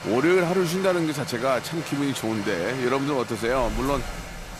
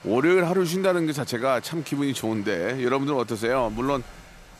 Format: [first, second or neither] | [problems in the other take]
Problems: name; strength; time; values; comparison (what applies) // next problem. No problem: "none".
second | rain or running water; loud; throughout; 10 dB below the speech; faint in the second